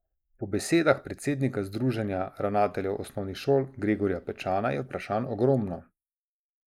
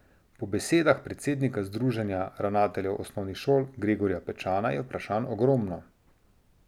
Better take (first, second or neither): second